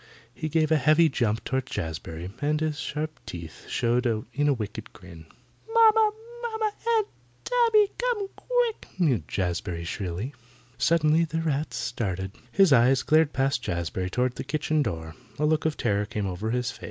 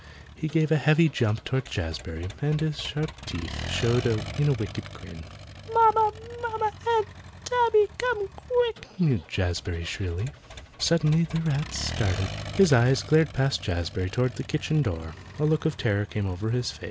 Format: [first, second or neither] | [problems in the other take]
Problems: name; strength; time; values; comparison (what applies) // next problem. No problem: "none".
first | background sound (Accelerating, revving, vroom); 14 dB below the speech